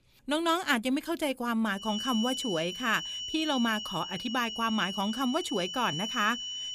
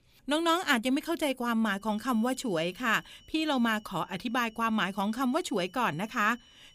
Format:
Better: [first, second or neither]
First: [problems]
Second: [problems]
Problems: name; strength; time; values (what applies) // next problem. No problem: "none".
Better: second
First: high-pitched whine; loud; from 2 s on; 3 kHz, 5 dB below the speech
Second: high-pitched whine; faint; from 2 s on; 3 kHz, 30 dB below the speech